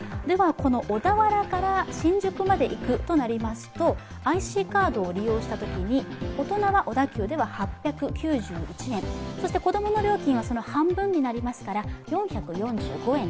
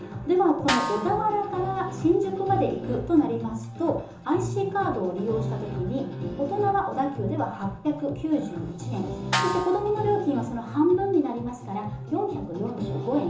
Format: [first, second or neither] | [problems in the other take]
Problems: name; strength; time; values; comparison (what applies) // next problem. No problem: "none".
first | background sound (Snare drum); 7 dB below the speech // room echo; dies away in 0.6 s